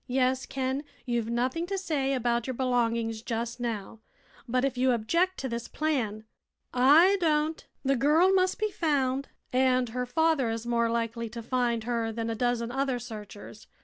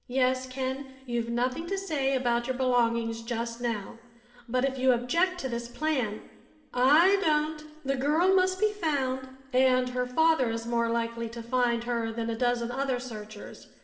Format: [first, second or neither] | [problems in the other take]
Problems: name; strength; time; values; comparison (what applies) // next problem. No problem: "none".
first | room echo; dies away in 1.6 s